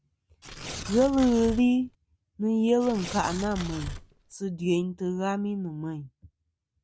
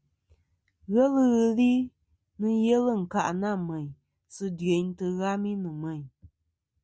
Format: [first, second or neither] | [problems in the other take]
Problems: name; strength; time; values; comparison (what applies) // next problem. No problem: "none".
second | background sound (Tearing); 11 dB below the speech